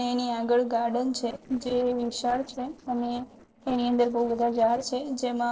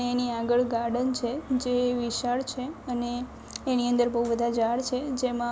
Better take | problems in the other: second | noise reduction (neural separator model SepFormer DNS4)

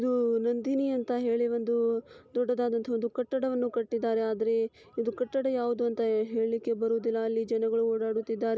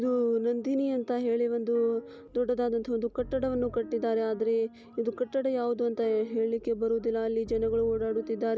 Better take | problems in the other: first | background sound (Piano); 19 dB below the speech

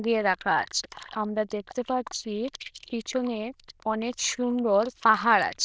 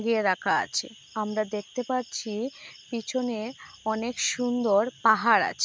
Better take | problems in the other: second | noise reduction (neural diffusion model UNIVERSE++)

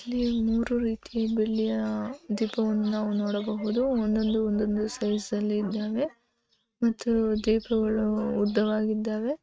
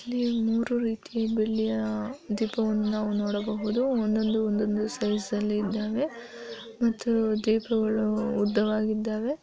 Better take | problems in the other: second | noise reduction (neural mask model RNNoise)

